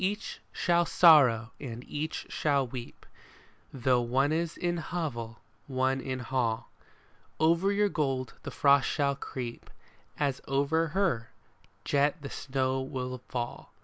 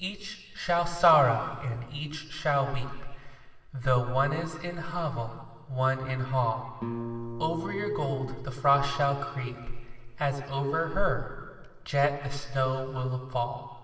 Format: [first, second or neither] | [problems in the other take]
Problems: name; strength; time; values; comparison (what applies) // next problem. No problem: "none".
first | noise reduction (neural separator model SepFormer DNS4)